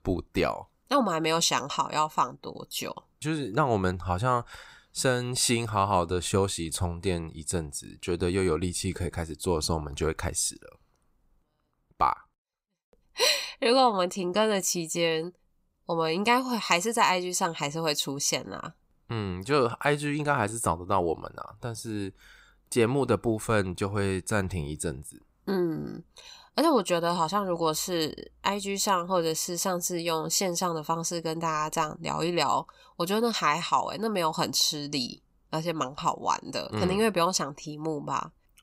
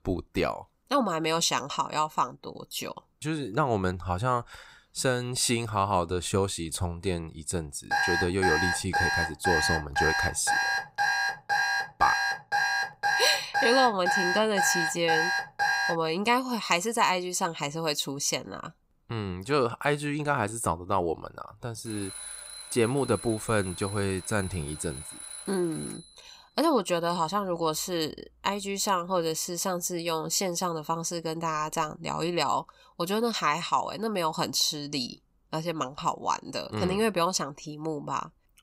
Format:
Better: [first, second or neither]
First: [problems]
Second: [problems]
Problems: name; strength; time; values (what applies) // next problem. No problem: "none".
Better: first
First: none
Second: alarm; loud; from 8 to 16 s; peak 3 dB above the speech // alarm; noticeable; from 22 to 26 s; peak 9 dB below the speech